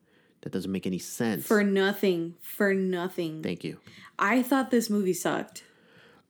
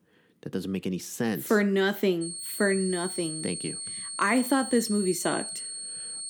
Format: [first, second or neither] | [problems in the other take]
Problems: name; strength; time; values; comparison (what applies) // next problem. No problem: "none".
first | high-pitched whine; loud; from 2 s on; 8.5 kHz, 6 dB below the speech